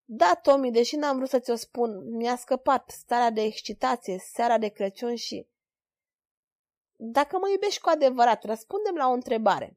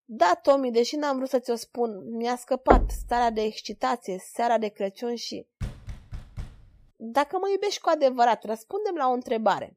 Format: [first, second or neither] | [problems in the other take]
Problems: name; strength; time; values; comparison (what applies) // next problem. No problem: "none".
first | door banging; loud; at 2.5 s; peak 3 dB above the speech // door banging; faint; at 5.5 s; peak 10 dB below the speech